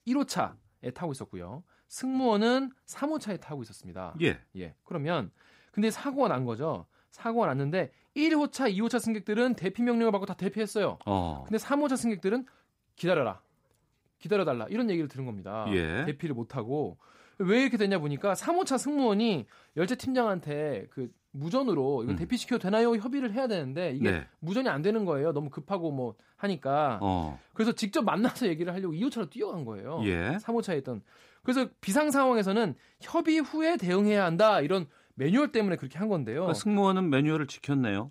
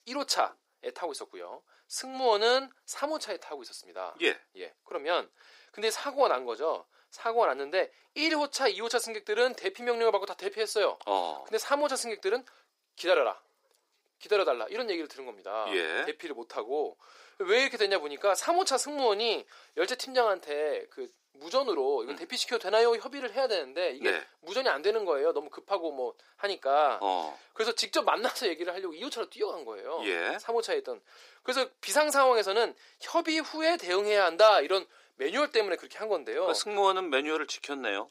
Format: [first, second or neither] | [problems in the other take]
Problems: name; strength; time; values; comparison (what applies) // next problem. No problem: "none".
first | thin; very; fading below 400 Hz